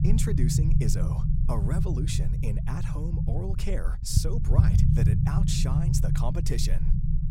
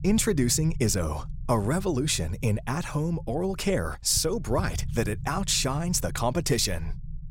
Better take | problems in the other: second | low rumble; loud; throughout; 1 dB below the speech; faint in the second

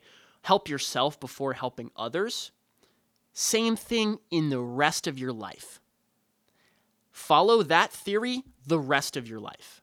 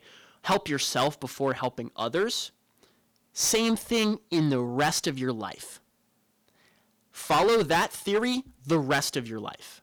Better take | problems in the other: first | distortion; heavy; 6% of the sound clipped

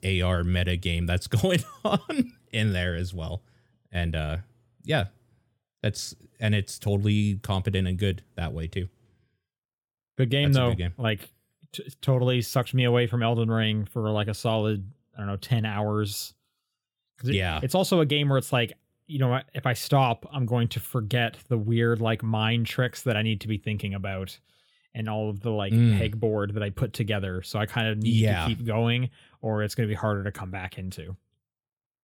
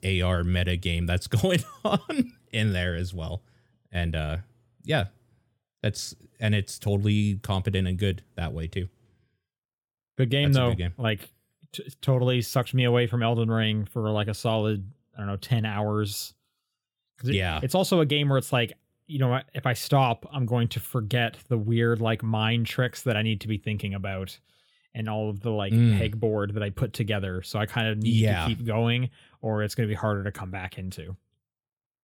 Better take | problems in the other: neither | none

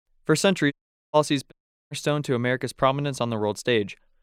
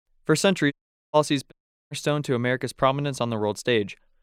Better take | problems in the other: neither | audio cutting out; at 0.5 s and at 1.5 s; the same in both

